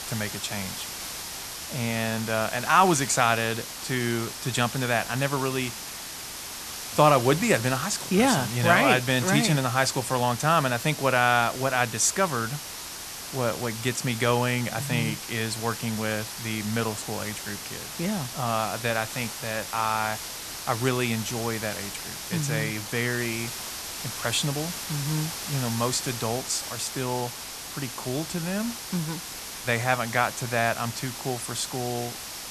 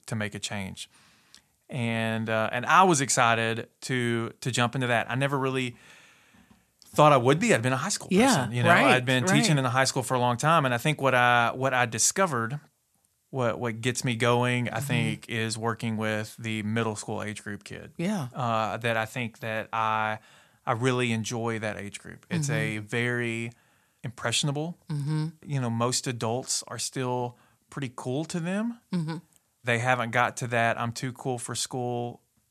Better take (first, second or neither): second